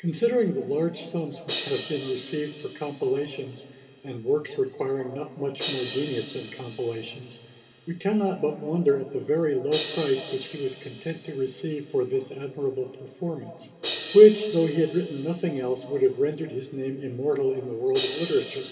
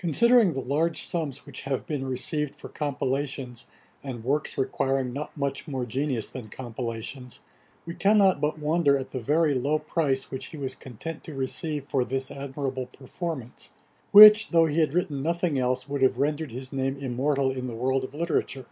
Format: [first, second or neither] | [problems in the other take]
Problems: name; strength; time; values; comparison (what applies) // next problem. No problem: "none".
second | background sound (Crash cymbal); 15 dB below the speech // room echo; dies away in 2.3 s